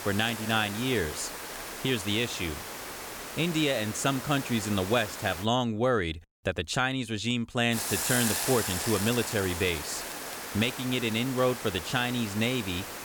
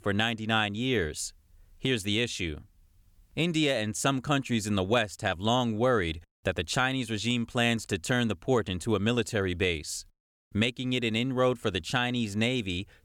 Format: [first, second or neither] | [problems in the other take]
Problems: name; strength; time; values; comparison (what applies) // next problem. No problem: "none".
second | hiss; loud; until 5.5 s and from 7.5 s on; 6 dB below the speech